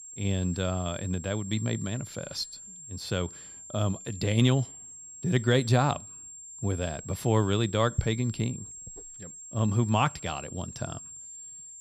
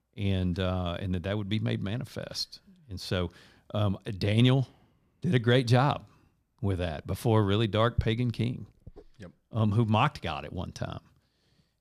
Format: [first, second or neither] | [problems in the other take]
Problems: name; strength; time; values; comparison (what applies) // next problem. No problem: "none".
second | high-pitched whine; noticeable; throughout; 7.5 kHz, 15 dB below the speech